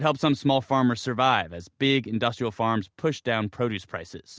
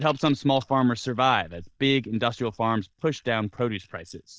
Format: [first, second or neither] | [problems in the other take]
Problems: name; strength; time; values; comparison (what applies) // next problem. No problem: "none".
first | noise reduction (neural mask model DeepFilterNet 3)